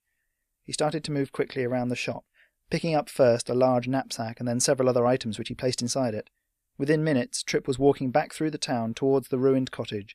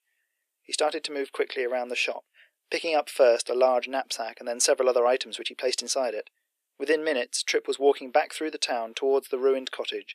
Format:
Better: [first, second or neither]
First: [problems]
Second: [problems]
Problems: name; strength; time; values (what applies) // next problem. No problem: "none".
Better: first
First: none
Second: thin; somewhat; fading below 350 Hz